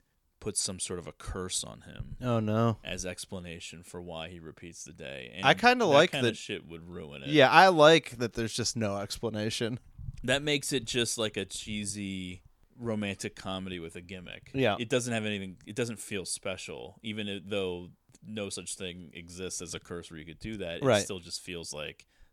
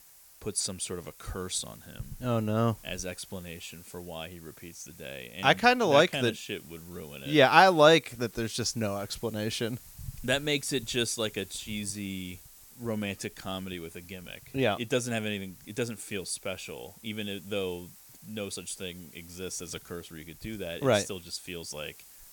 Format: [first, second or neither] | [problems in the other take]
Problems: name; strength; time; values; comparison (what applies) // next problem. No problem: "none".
first | hiss; faint; throughout; 20 dB below the speech